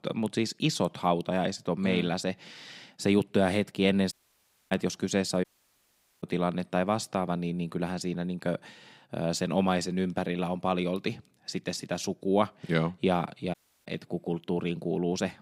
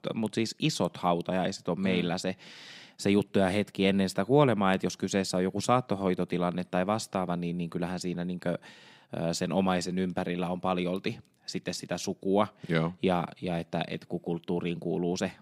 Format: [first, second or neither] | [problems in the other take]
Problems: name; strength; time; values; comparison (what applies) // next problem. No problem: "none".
second | audio cutting out; at 4 s for 0.5 s, at 5.5 s for 1 s and at 14 s